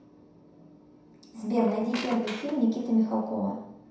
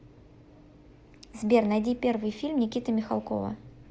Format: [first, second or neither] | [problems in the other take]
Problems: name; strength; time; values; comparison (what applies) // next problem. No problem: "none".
second | background sound (Squeak); 12 dB below the speech // room echo; dies away in 0.7 s